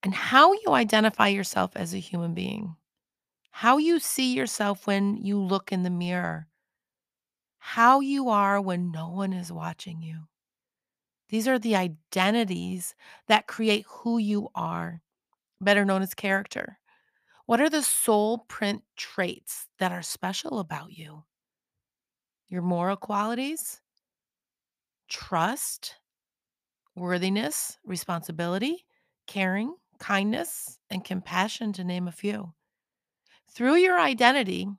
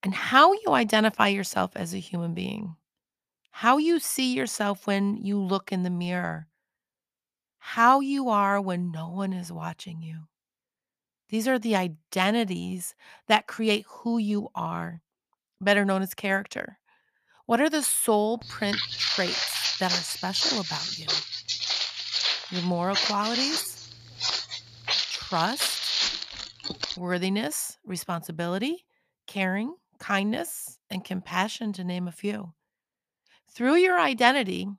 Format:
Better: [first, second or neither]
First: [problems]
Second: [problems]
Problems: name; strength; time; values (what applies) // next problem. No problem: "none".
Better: first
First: none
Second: footsteps; loud; from 18 to 27 s; peak 2 dB above the speech